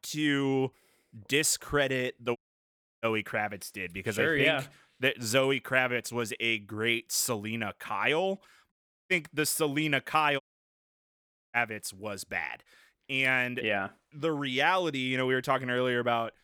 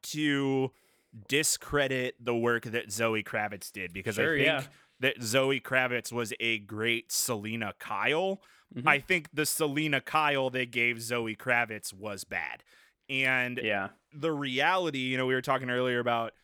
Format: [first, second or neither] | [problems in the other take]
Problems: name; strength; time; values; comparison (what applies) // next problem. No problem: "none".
second | audio cutting out; at 2.5 s for 0.5 s, at 8.5 s and at 10 s for 1 s